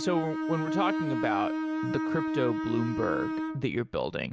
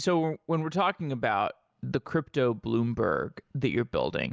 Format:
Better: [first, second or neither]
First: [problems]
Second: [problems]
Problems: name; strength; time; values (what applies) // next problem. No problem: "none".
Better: second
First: background sound (Bowed string instrument); 1 dB below the speech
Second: none